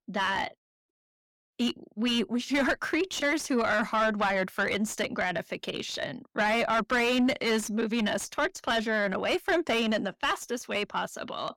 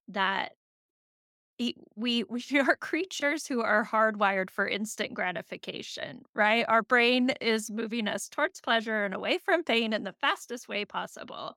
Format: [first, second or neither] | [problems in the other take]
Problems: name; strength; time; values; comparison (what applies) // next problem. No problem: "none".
second | distortion; heavy; 6 dB below the speech